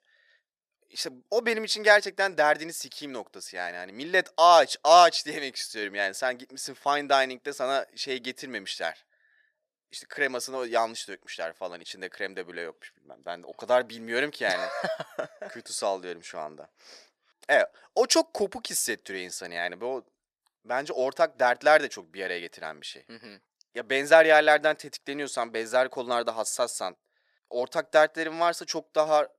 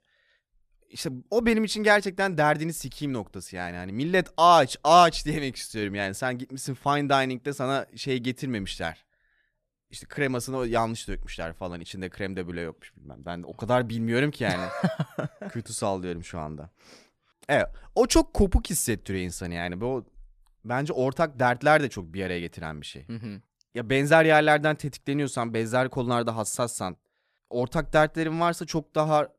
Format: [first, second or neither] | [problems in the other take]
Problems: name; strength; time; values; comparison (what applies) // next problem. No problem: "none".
second | thin; somewhat; fading below 450 Hz